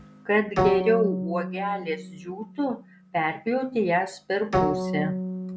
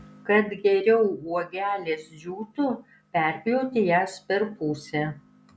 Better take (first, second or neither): second